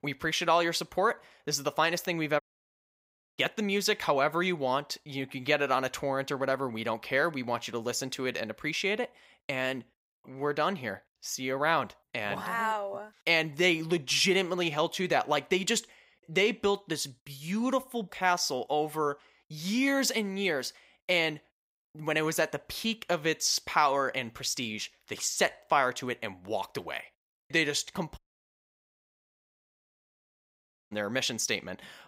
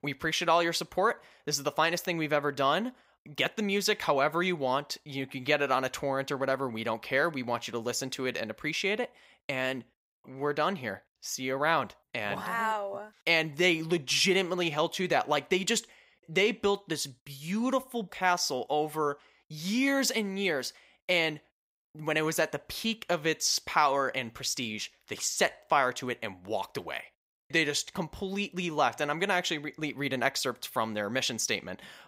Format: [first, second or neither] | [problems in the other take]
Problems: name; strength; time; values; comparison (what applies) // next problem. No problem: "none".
second | audio cutting out; at 2.5 s for 1 s and at 28 s for 2.5 s